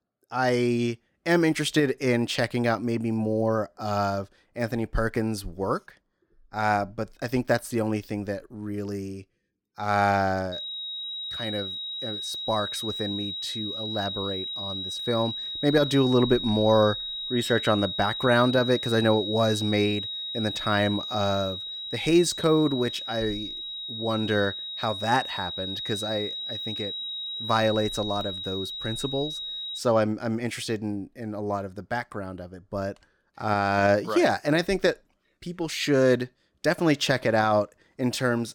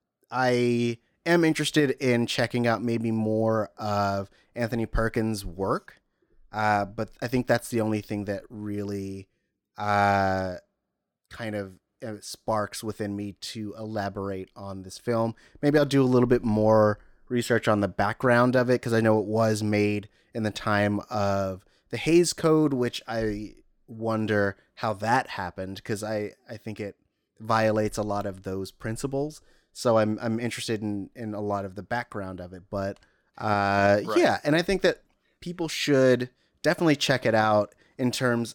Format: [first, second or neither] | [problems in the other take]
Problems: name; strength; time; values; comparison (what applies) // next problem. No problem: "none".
second | high-pitched whine; loud; from 11 to 30 s; 4 kHz, 5 dB below the speech